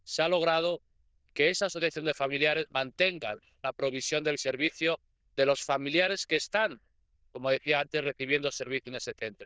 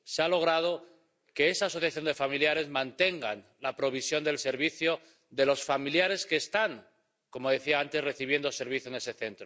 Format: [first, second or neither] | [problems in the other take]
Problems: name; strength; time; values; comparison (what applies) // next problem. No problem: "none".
second | noise reduction (neural diffusion model UNIVERSE++)